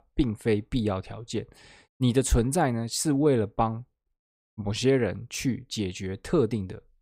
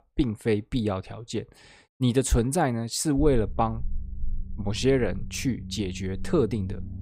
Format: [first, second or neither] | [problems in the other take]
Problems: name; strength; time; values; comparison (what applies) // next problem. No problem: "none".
first | low rumble; faint; from 3 s on; 25 dB below the speech